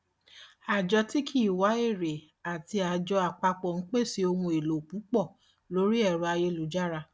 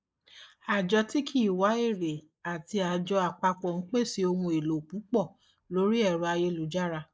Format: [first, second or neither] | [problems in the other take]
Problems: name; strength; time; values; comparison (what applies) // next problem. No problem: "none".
first | noise reduction (neural mask model Resemble Enhance denoiser)